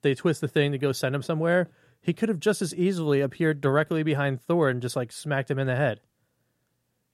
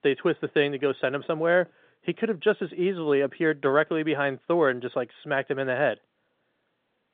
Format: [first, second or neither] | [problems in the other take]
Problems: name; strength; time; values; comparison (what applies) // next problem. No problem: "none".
first | phone-call audio; nothing above 3.5 kHz